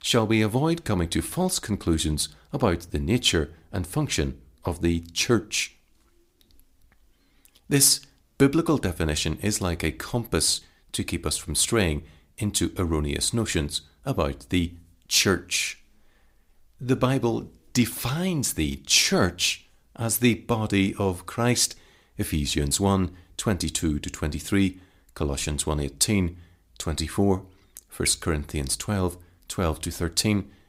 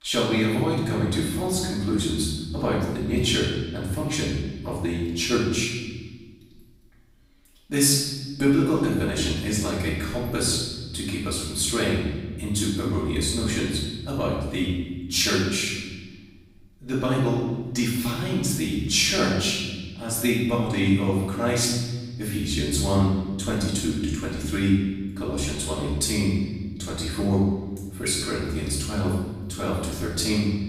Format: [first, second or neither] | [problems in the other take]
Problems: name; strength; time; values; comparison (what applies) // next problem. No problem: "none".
first | off-mic speech; far // room echo; noticeable; dies away in 1.4 s